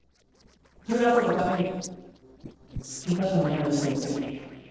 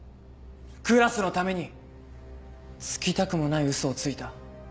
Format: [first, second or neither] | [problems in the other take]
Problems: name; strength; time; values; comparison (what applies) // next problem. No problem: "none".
second | noise reduction (neural separator model SepFormer DNS4)